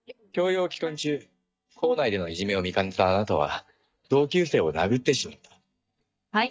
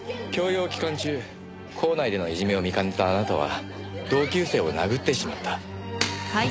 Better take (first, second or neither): second